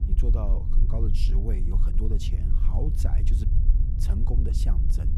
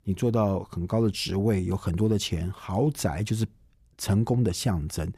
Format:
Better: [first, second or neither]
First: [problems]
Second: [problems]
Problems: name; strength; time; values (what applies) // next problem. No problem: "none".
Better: second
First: low rumble; loud; throughout; 3 dB below the speech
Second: none